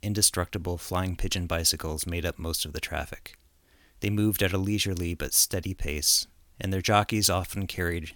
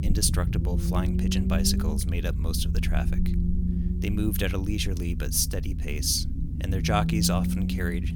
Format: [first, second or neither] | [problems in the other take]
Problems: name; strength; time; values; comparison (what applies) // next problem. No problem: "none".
first | low rumble; loud; throughout; 8 dB below the speech